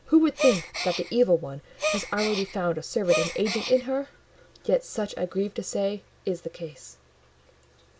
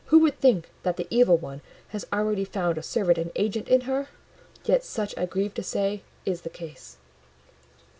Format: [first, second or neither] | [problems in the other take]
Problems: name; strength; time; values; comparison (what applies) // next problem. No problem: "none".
second | background sound (Gasp); 5 dB below the speech